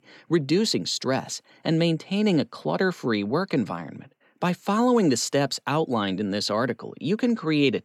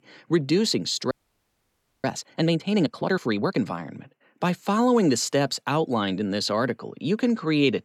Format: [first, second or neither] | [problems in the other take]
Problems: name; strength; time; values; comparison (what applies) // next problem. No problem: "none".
first | audio freezing; at 1 s for 1 s